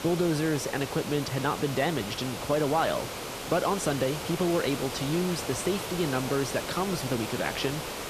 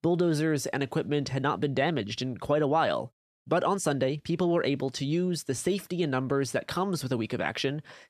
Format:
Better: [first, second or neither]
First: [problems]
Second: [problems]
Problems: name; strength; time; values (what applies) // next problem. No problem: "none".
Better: second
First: hiss; loud; throughout; 6 dB below the speech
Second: none